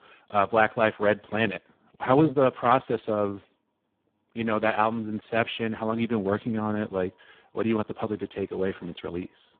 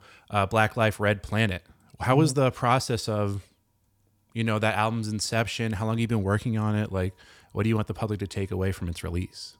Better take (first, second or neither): second